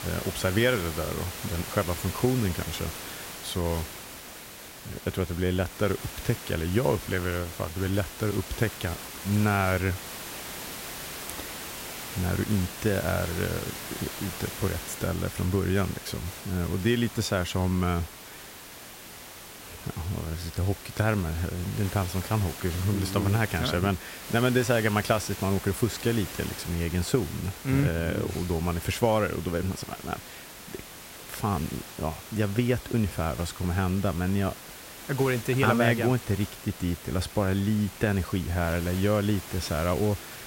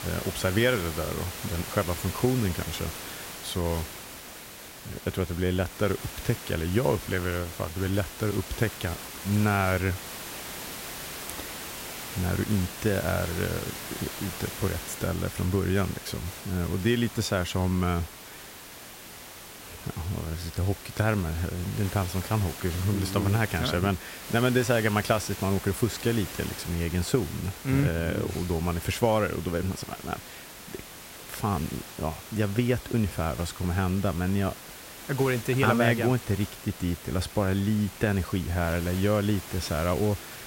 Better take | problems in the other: neither | hiss; noticeable; throughout; 10 dB below the speech; the same in both

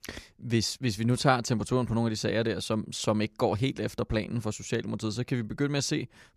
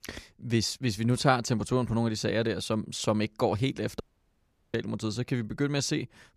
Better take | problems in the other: first | audio cutting out; at 4 s for 0.5 s

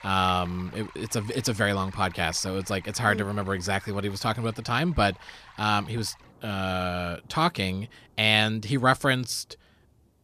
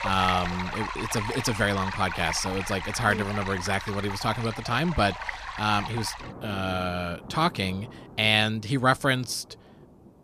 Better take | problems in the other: first | rain or running water; loud; throughout; 8 dB below the speech; faint in the first

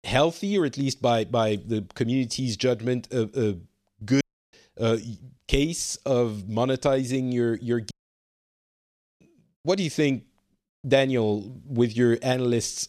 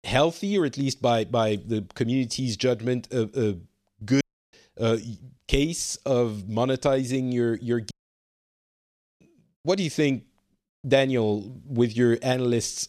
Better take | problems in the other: neither | audio cutting out; at 4 s and at 8 s for 1.5 s; the same in both

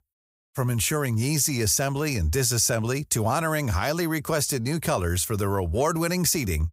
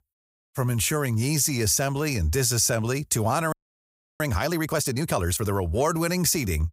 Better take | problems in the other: first | audio freezing; at 3.5 s for 0.5 s

